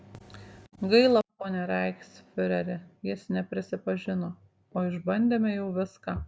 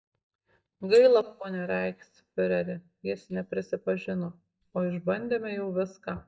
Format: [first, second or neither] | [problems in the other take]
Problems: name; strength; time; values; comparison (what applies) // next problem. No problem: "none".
first | noise reduction (neural mask model DeepFilterNet 3)